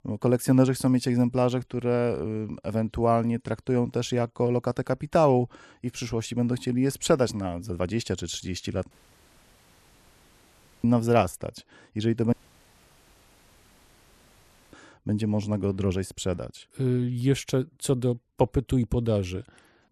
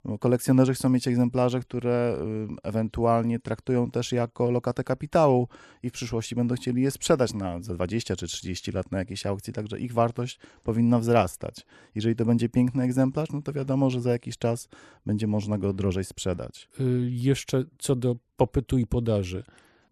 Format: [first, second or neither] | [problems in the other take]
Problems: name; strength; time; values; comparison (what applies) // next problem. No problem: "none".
second | audio cutting out; at 9 s for 2 s and at 12 s for 2.5 s